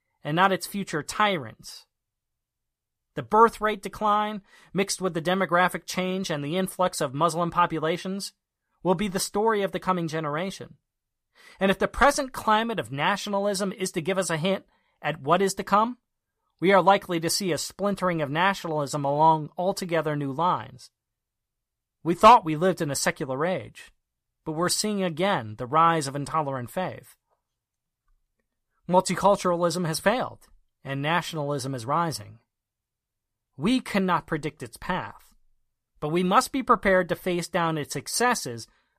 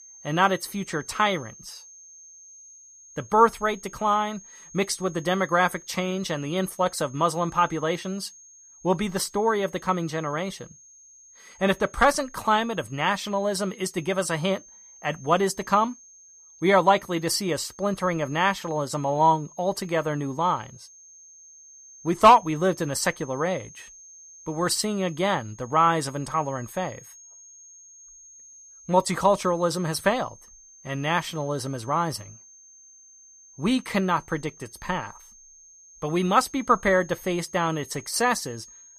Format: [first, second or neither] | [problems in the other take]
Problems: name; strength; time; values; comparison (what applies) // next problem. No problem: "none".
first | high-pitched whine; faint; throughout; 6.5 kHz, 20 dB below the speech